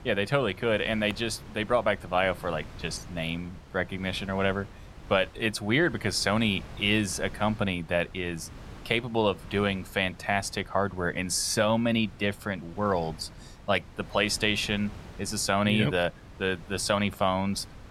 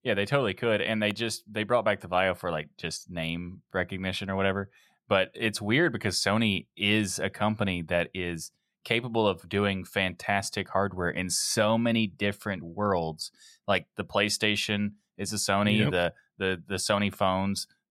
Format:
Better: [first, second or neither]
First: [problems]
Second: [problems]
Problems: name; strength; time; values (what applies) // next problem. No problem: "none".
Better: second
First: wind noise on the microphone; occasional gusts; 20 dB below the speech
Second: none